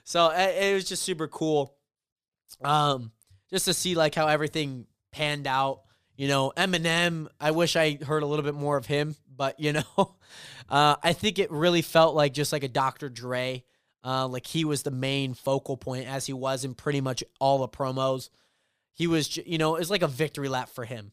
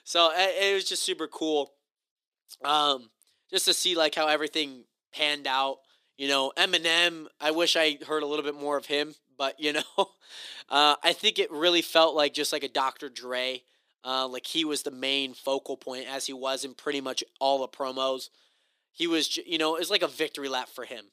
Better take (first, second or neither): first